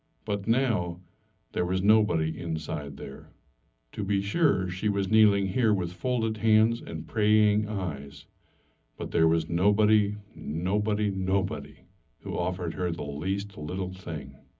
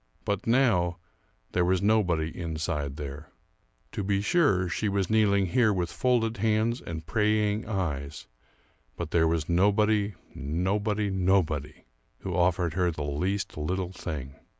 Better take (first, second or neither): second